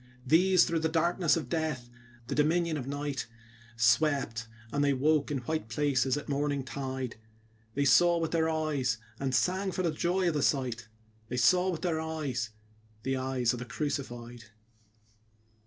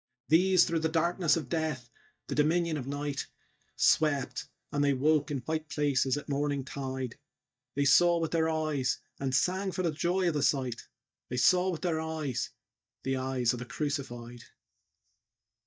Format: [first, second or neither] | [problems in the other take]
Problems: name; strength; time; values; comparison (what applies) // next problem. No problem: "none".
first | noise reduction (neural mask model DeepFilterNet 3)